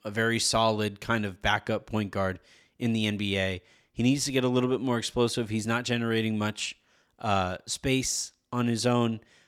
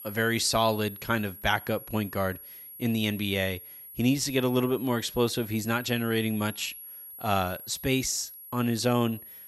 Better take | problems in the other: first | high-pitched whine; noticeable; throughout; 11.5 kHz, 15 dB below the speech

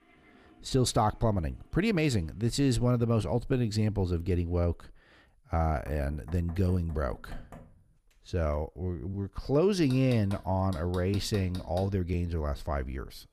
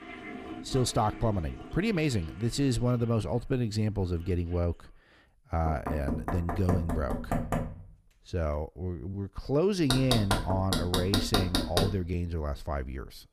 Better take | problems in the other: first | household noises; loud; throughout; 3 dB below the speech; faint in the first

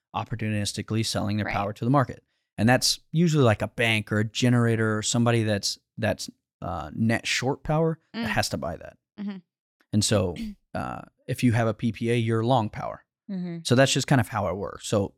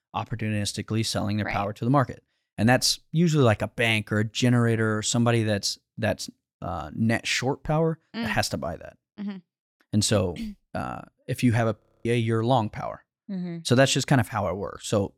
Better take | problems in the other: first | audio freezing; at 12 s

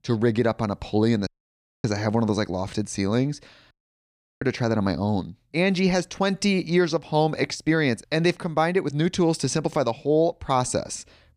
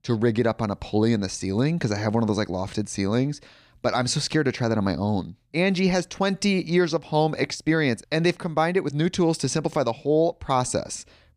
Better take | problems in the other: second | audio cutting out; at 1.5 s for 0.5 s and at 3.5 s for 0.5 s

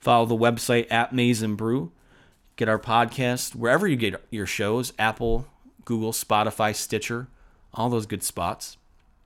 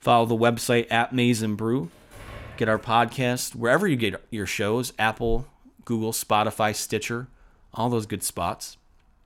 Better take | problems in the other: first | door banging; faint; at 2 s; peak 15 dB below the speech

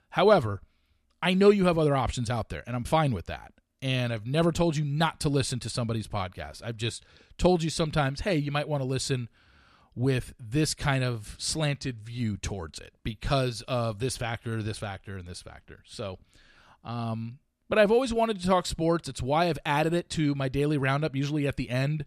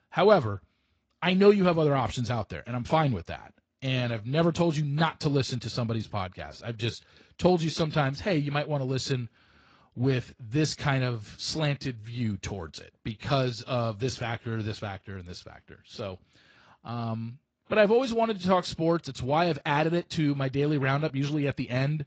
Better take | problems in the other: first | garbled, watery; slightly; nothing above 7.5 kHz

